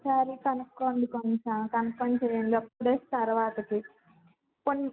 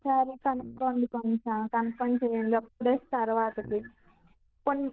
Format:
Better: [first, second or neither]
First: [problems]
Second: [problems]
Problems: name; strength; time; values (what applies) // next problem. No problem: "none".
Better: first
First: none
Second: noise reduction (neural diffusion model UNIVERSE++)